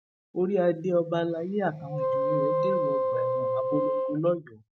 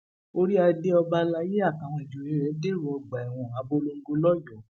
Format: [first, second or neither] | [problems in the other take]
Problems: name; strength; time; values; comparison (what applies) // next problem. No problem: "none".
second | noise reduction (neural mask model RNNoise)